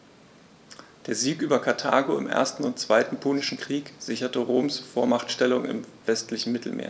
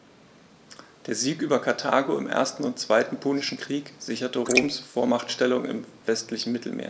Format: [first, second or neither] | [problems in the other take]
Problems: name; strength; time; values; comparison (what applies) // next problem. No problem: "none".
first | noise reduction (neural mask model Resemble Enhance denoiser)